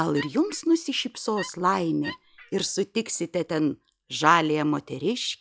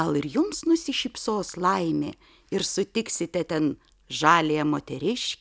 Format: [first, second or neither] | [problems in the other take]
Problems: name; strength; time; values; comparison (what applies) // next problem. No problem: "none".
second | noise reduction (classical method log-MMSE)